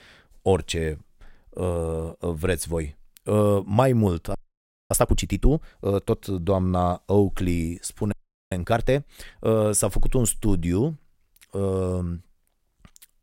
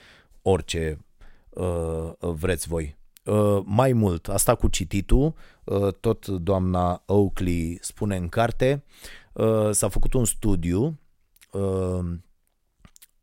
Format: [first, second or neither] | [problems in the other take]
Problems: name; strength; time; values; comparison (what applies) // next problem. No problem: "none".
second | audio freezing; at 4.5 s for 0.5 s and at 8 s